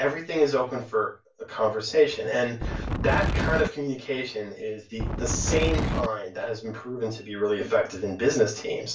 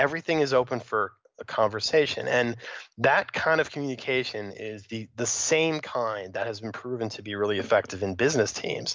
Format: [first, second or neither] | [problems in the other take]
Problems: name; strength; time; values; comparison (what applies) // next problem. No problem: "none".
second | background sound (Wind); 1 dB above the speech // room echo; dies away in 0.2 s